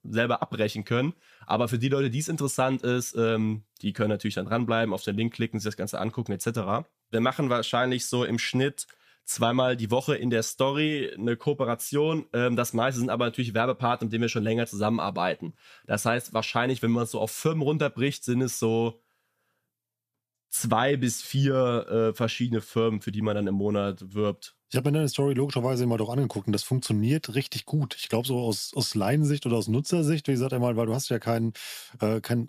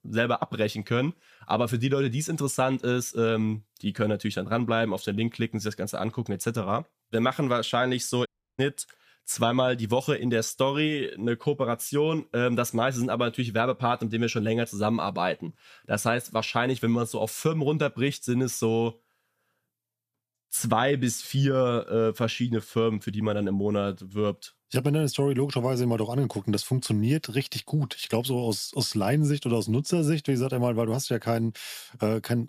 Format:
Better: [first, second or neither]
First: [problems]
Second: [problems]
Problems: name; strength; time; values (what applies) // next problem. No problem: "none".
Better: first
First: none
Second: audio cutting out; at 8.5 s